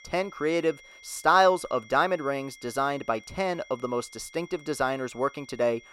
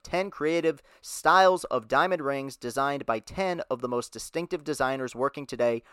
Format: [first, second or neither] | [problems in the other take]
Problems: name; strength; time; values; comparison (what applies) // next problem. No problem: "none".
second | high-pitched whine; faint; throughout; 2 kHz, 20 dB below the speech